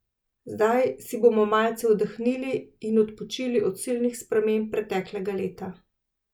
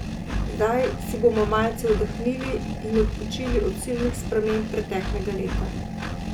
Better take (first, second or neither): first